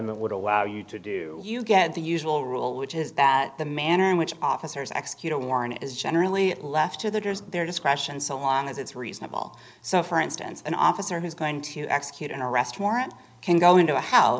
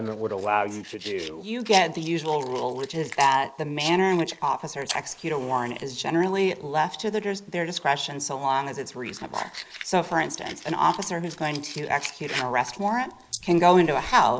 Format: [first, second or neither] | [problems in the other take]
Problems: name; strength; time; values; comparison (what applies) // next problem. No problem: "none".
first | noise reduction (neural mask model Resemble Enhance denoiser)